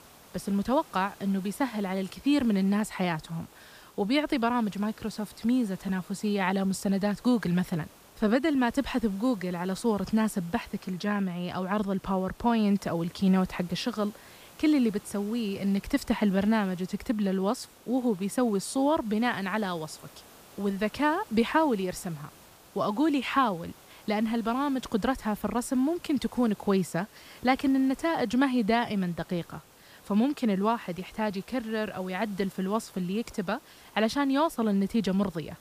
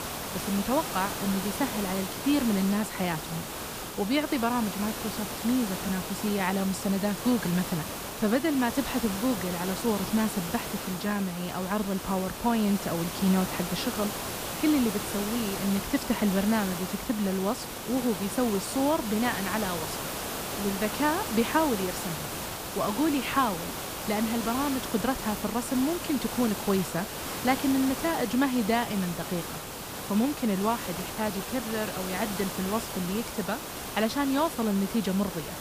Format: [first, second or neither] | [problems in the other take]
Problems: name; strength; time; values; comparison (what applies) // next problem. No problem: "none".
first | hiss; loud; throughout; 5 dB below the speech; faint in the first